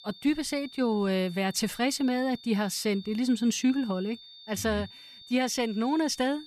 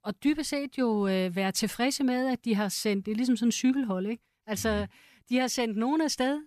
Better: second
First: high-pitched whine; noticeable; throughout; 3.5 kHz, 20 dB below the speech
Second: none

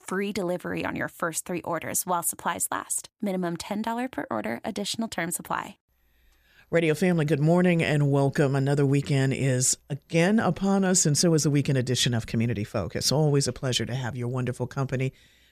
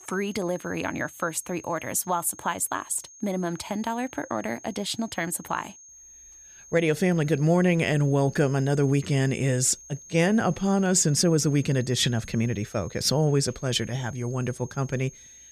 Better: first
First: none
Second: high-pitched whine; faint; throughout; 6.5 kHz, 20 dB below the speech

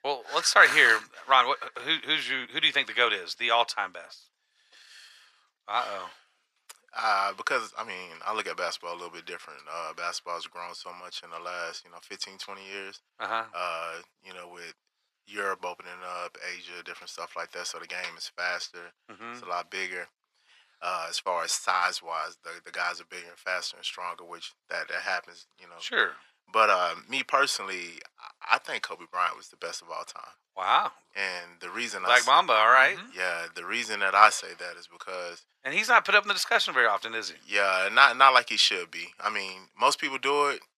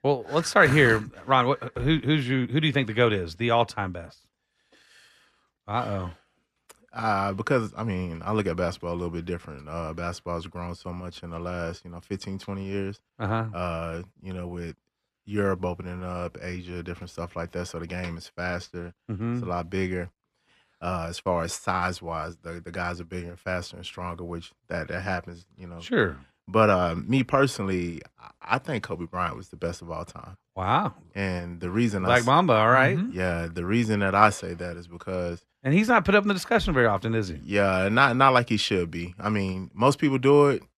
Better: second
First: thin; very; fading below 900 Hz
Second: none

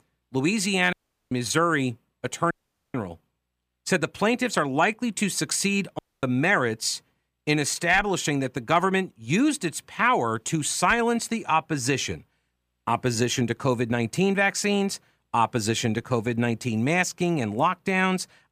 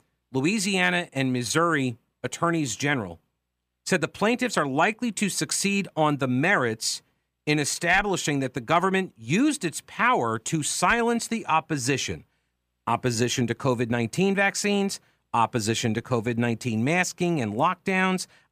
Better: second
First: audio cutting out; at 1 s, at 2.5 s and at 6 s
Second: none

